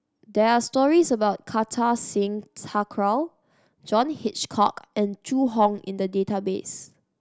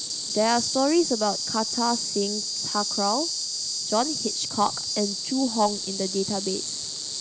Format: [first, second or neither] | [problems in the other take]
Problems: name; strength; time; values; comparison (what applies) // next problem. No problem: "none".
first | background sound (Insect); 3 dB below the speech